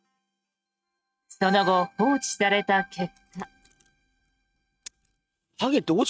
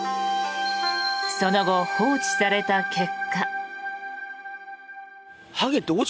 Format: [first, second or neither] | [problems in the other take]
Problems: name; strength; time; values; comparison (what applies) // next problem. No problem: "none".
second | noise reduction (neural mask model RNNoise)